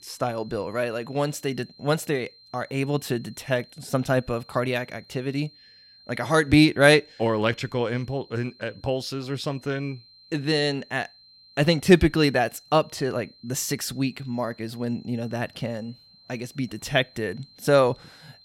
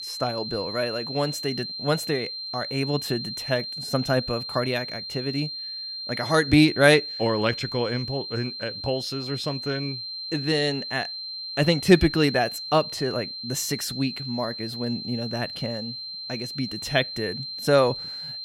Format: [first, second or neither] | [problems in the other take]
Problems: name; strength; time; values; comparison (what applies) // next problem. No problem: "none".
first | high-pitched whine; loud; throughout; 4 kHz, 6 dB below the speech; faint in the first